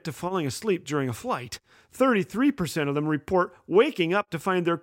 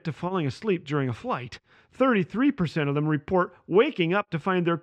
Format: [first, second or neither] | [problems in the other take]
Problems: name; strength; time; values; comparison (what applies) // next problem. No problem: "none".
first | muffled; slightly; fading above 3 kHz